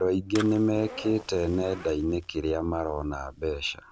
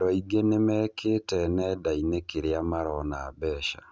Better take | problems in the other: second | background sound (Fire + Zipper (clothing)); 18 dB below the speech

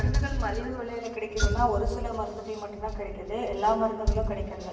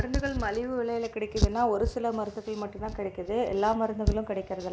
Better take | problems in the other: second | background sound (Bell); 17 dB below the speech // room echo; dies away in 1.3 s

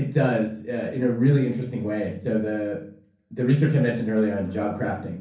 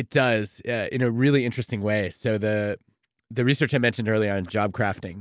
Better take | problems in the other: second | room echo; dies away in 0.6 s

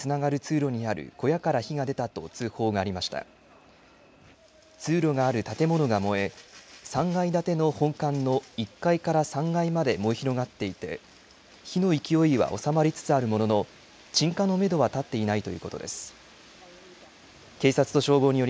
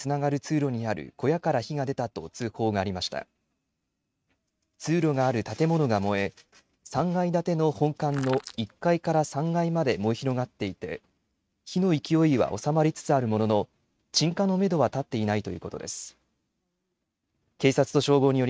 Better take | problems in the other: first | noise reduction (neural mask model RNNoise)

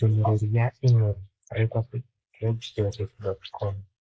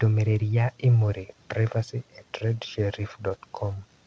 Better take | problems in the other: second | noise reduction (neural mask model Resemble Enhance denoiser)

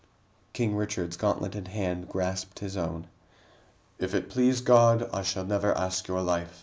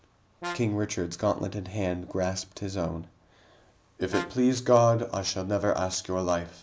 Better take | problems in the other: first | background sound (Brass instrument); 14 dB below the speech

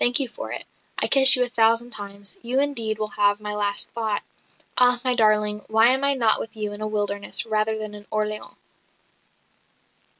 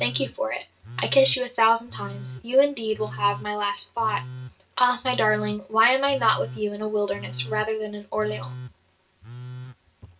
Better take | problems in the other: first | background sound (Telephone); 14 dB below the speech // room echo; dies away in 0.2 s

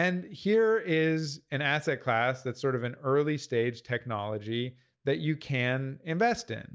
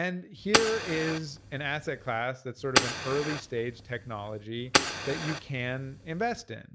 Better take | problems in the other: first | background sound (Fire); as loud as the speech

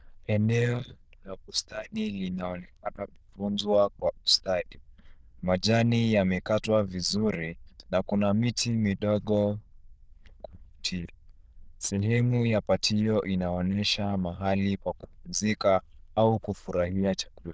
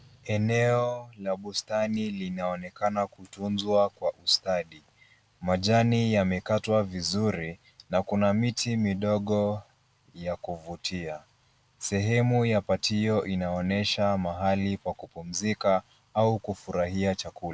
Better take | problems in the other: second | noise reduction (neural diffusion model UNIVERSE++)

